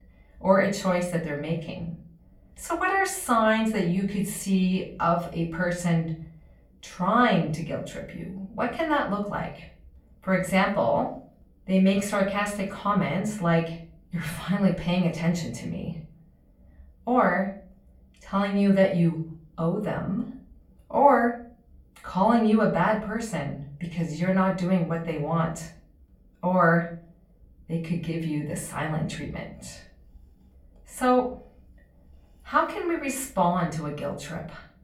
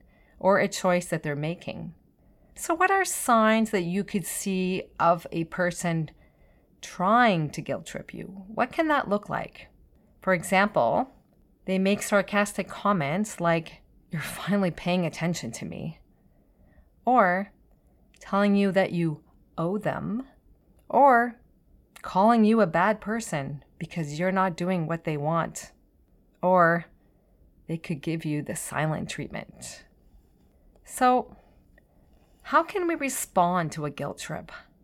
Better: second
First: off-mic speech; far // room echo; slight; dies away in 0.4 s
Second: none

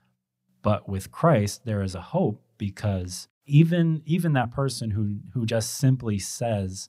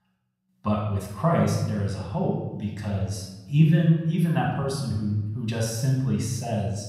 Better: first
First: none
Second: off-mic speech; far // room echo; noticeable; dies away in 0.9 s

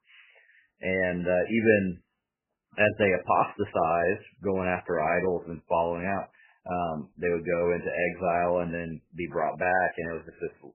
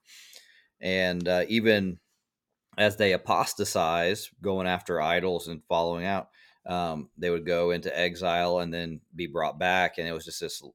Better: second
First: garbled, watery; badly; nothing above 3 kHz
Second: none

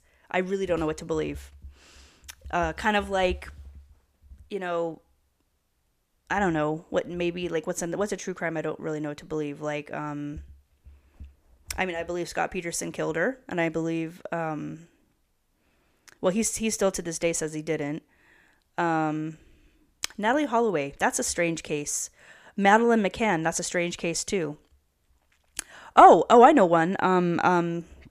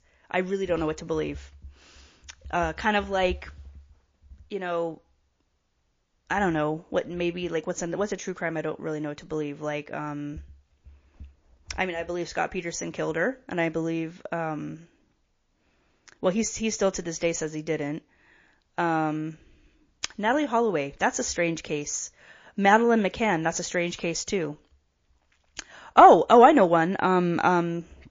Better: first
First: none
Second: garbled, watery; slightly

